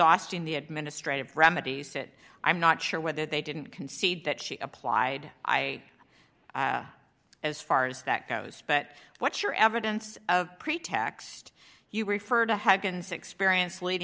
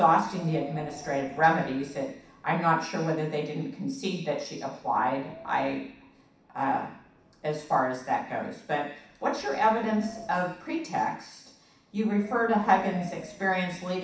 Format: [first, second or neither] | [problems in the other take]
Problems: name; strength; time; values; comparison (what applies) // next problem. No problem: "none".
first | background sound (Wind); 19 dB below the speech // room echo; dies away in 0.7 s